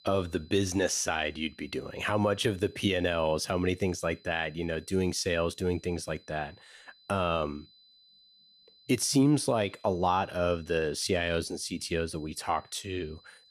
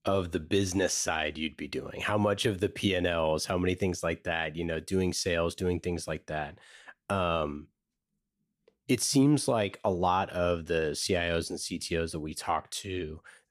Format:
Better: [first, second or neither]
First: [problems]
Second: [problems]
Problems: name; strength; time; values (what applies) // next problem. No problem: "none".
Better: second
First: high-pitched whine; faint; throughout; 4 kHz, 30 dB below the speech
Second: none